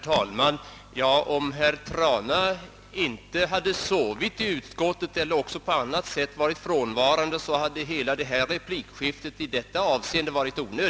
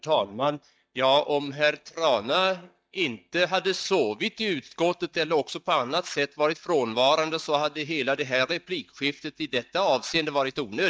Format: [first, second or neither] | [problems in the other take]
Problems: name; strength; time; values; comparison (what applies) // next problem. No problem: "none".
first | noise reduction (neural mask model DeepFilterNet 3)